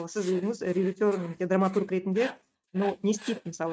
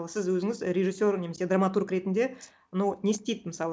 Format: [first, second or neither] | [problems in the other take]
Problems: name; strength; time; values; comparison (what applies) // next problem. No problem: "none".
second | noise reduction (neural mask model RNNoise)